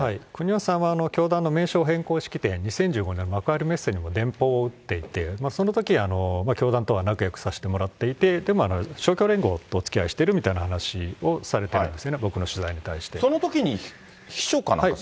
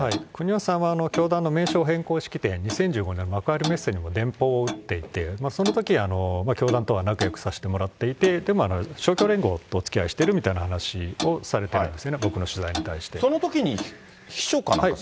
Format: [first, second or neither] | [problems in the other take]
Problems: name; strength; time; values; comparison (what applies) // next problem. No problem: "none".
first | background sound (Clock); 12 dB below the speech